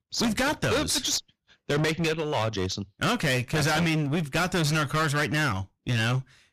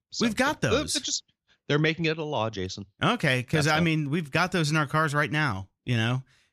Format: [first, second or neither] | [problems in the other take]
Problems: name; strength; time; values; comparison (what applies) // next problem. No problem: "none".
second | distortion; heavy; 22% of the sound clipped